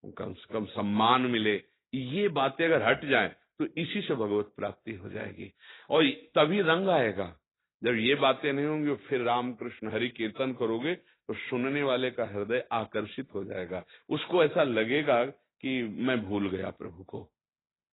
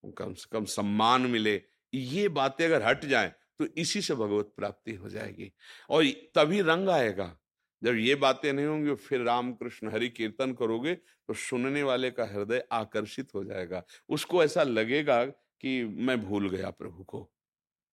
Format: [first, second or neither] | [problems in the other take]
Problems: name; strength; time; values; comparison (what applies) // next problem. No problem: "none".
second | garbled, watery; badly; nothing above 4 kHz